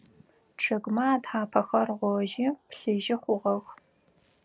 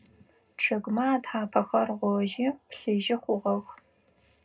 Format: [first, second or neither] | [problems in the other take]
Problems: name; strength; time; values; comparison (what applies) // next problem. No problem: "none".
first | room echo; dies away in 0.2 s